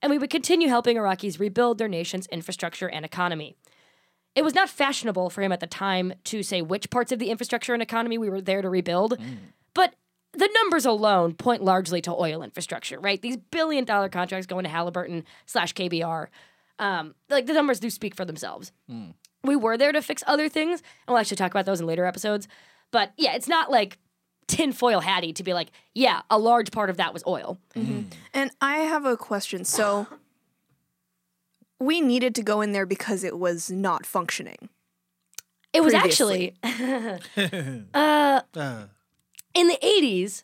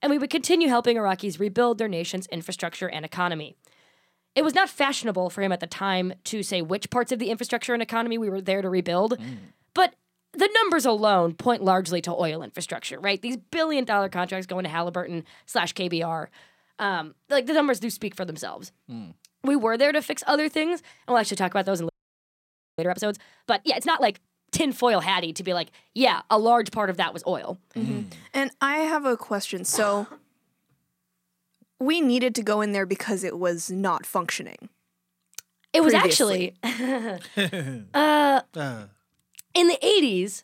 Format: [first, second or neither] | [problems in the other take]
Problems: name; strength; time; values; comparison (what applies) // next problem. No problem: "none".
first | audio freezing; at 22 s for 1 s